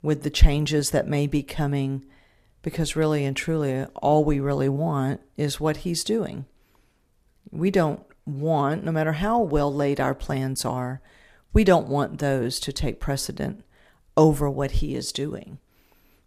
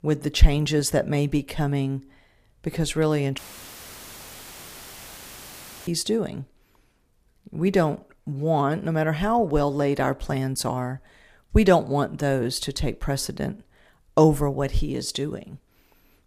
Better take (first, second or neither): first